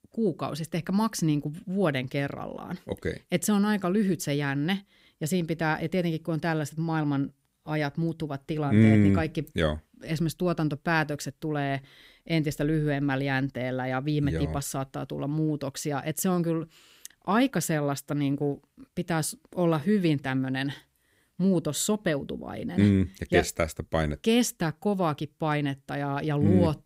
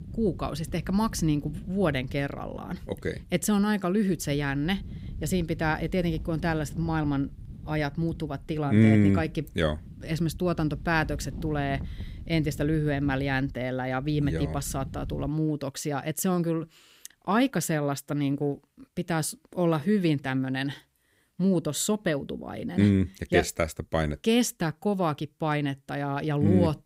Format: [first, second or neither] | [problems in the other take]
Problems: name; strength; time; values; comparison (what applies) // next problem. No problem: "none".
first | wind noise on the microphone; occasional gusts; until 15 s; 20 dB below the speech